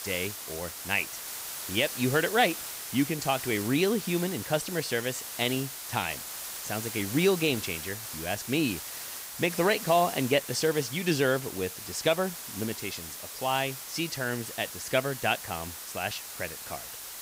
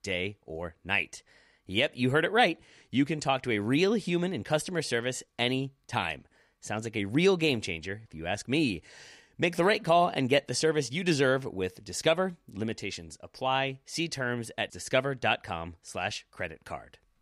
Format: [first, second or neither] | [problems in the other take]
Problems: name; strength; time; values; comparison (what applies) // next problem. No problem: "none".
second | hiss; loud; throughout; 7 dB below the speech